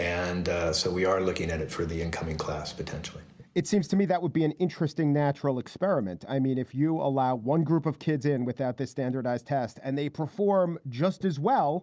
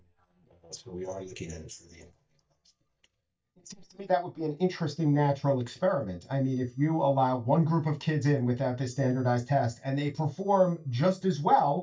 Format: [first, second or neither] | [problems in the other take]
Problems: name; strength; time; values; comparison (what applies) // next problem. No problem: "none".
first | noise reduction (neural mask model DeepFilterNet 3)